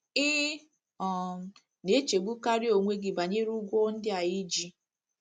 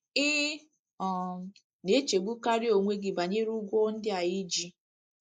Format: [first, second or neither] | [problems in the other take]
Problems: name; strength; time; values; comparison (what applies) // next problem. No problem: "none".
first | noise reduction (neural mask model Resemble Enhance denoiser)